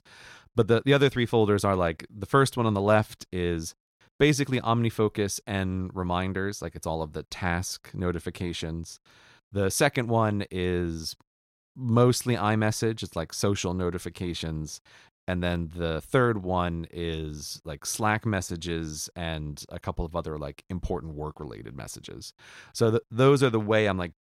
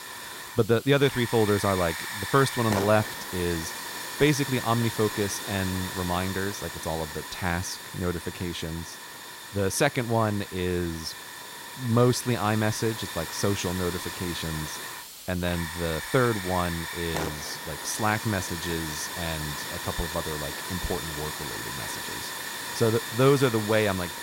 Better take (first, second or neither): first